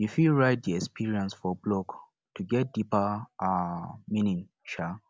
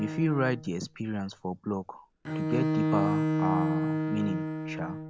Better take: first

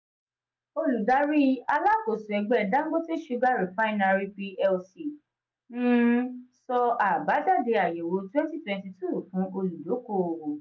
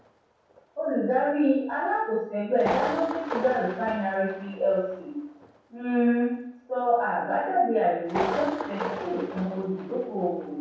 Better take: first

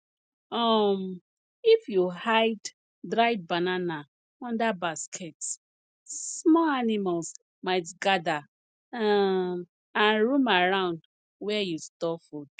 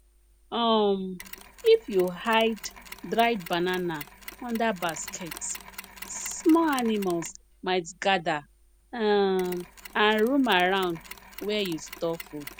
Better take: first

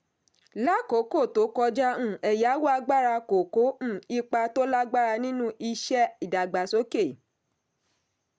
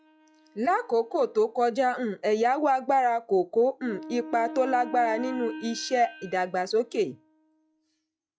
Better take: first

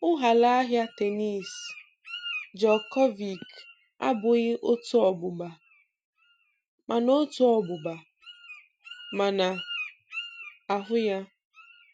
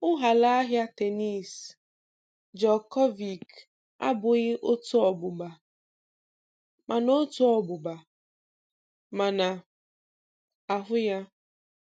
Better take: second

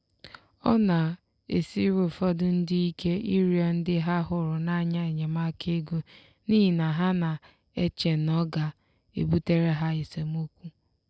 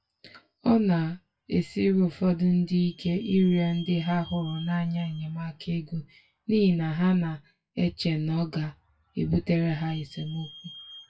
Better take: first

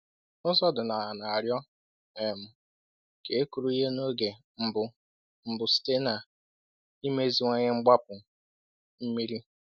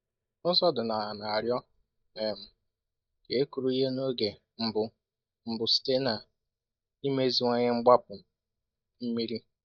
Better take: first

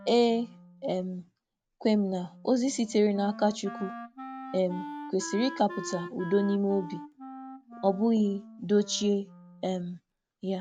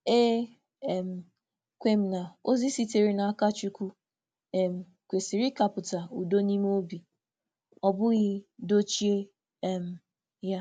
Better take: second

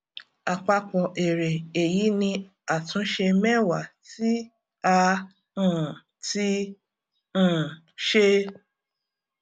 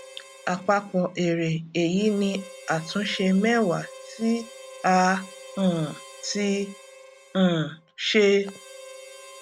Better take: first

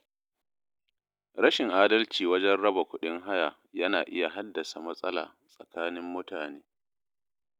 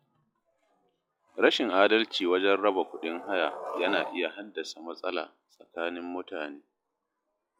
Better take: first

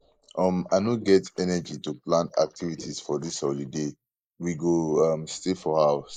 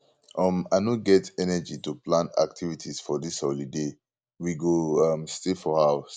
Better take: second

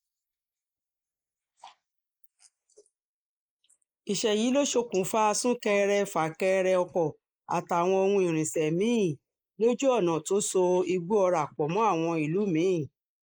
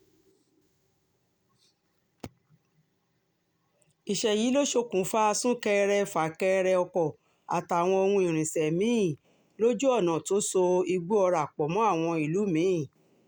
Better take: second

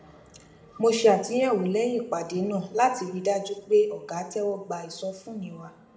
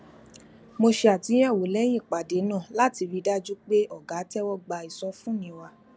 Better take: second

